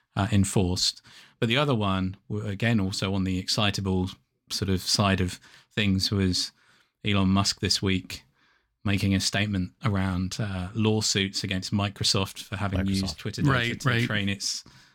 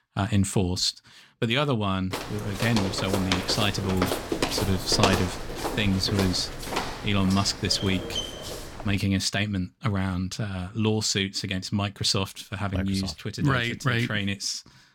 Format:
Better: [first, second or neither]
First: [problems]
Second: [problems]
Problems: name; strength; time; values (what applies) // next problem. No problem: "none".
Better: first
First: none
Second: footsteps; loud; from 2 to 9 s; peak 2 dB above the speech